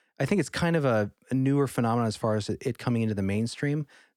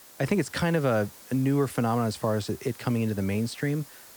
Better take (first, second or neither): first